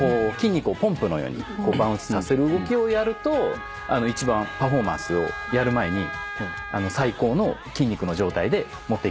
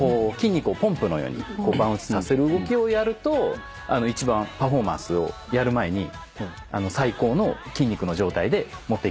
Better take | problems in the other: second | background sound (Wind instrument, woodwind instrument); 13 dB below the speech

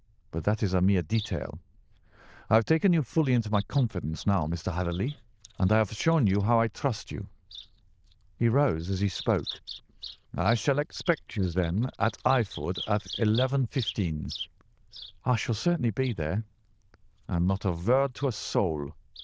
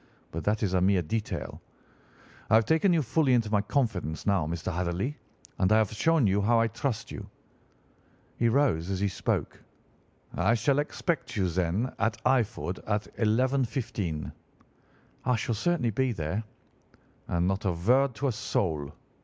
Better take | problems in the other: second | noise reduction (neural diffusion model UNIVERSE++)

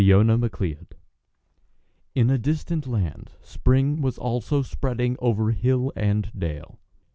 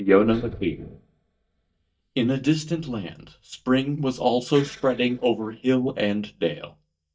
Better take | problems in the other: first | noise reduction (neural mask model DeepFilterNet 3)

